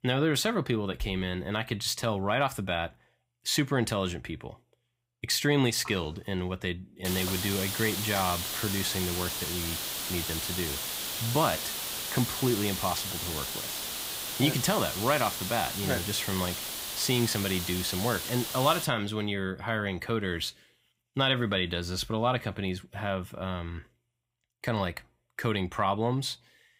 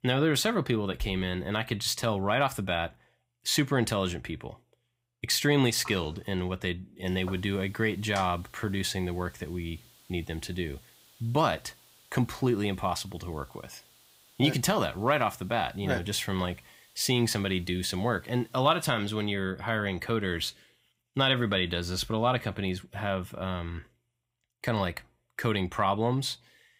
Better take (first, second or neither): second